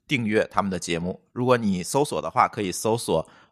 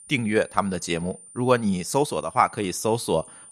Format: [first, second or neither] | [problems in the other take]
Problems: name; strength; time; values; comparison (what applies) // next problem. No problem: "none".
first | high-pitched whine; noticeable; throughout; 9 kHz, 20 dB below the speech